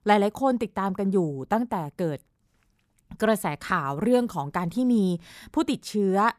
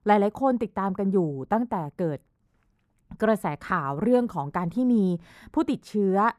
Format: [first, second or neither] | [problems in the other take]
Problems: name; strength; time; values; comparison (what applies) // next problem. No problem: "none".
first | muffled; slightly; fading above 2.5 kHz